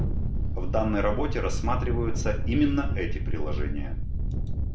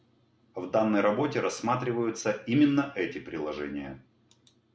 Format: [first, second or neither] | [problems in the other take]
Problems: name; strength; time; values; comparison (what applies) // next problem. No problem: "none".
second | background sound (Thunder); 4 dB above the speech